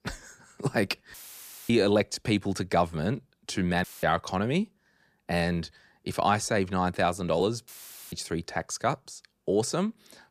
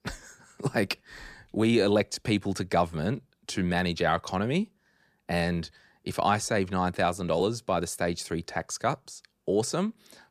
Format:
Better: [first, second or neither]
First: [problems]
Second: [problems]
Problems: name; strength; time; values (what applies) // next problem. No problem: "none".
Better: second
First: audio cutting out; filled with static; at 1 s for 0.5 s, at 4 s and at 7.5 s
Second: none